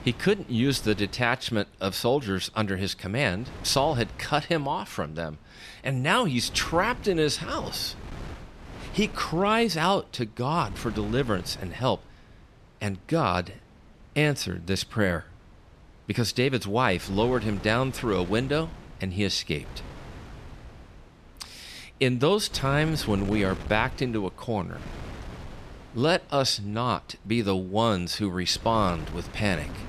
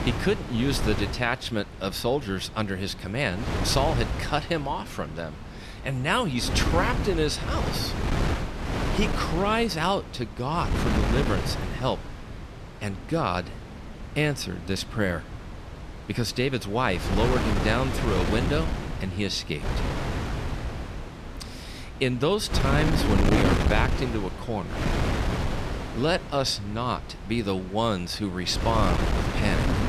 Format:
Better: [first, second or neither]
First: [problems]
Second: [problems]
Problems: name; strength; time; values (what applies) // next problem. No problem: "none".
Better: first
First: wind noise on the microphone; occasional gusts; 20 dB below the speech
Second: wind noise on the microphone; heavy; 4 dB below the speech